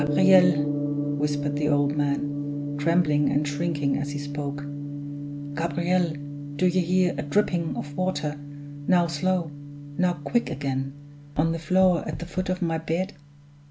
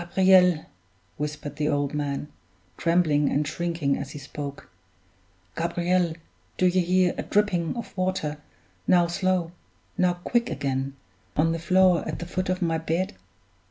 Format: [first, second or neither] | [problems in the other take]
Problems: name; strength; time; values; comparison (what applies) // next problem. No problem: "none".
second | background sound (Gong); 5 dB below the speech